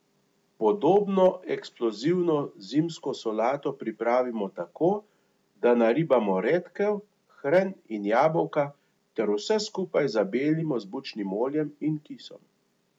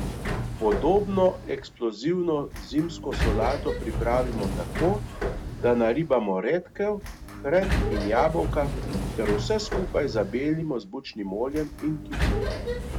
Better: first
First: none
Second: background sound (Sliding door); 4 dB below the speech

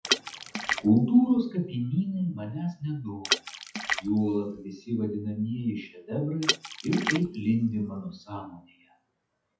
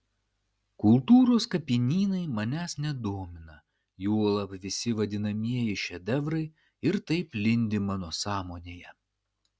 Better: second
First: noise reduction (classical method WPE with log-MMSE)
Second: none

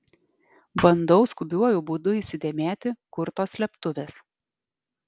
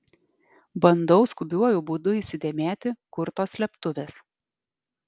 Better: second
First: background sound (Thump, thud); 8 dB below the speech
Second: none

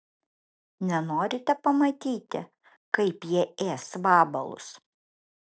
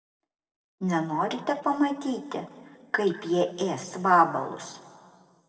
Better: first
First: none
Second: room echo; dies away in 1.6 s

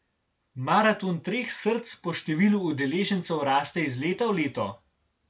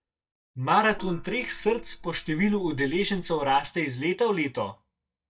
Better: first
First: none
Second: noise reduction (neural mask model DeepFilterNet 3)

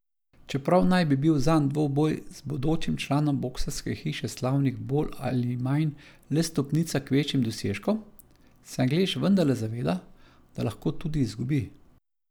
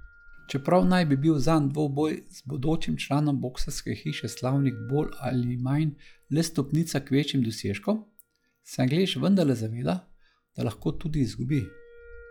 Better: first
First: none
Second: noise reduction (classical method log-MMSE)

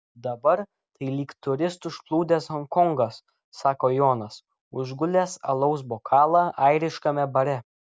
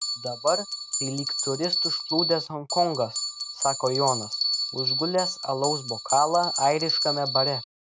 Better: first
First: none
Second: background sound (Bell); 2 dB below the speech

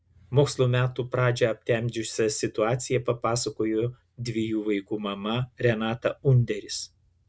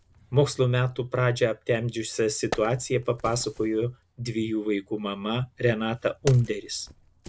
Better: first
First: none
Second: background sound (Wood); 18 dB below the speech

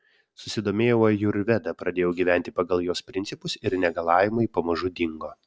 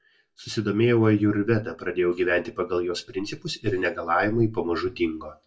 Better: first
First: none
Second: room echo; dies away in 0.2 s

